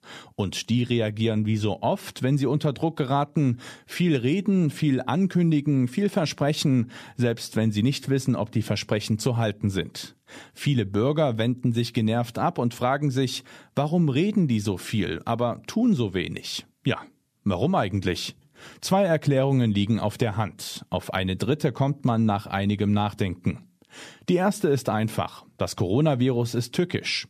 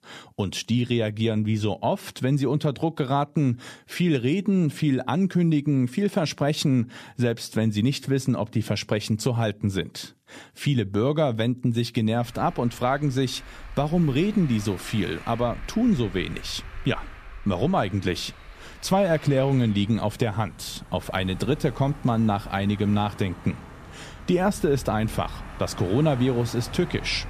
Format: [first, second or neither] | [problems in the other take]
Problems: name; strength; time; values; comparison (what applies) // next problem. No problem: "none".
first | traffic noise; noticeable; from 12 s on; 15 dB below the speech